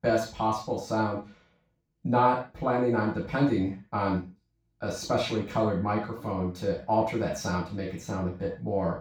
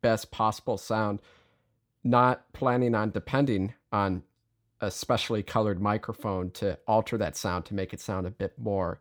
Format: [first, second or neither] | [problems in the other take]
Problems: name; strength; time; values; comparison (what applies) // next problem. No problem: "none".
second | room echo; noticeable; dies away in 0.3 s // off-mic speech; far